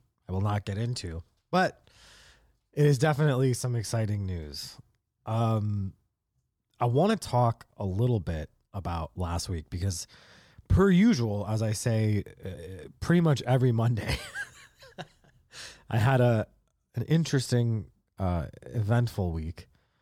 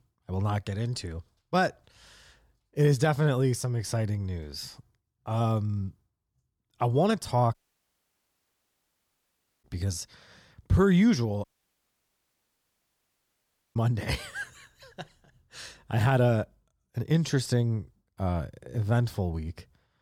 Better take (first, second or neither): first